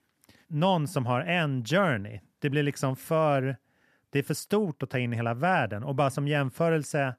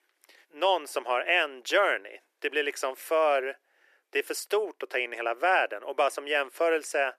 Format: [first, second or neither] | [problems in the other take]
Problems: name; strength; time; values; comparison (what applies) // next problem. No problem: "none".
first | thin; very; fading below 350 Hz